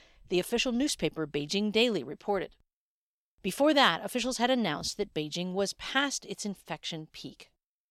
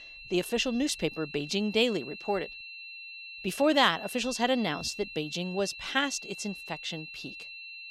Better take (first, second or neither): first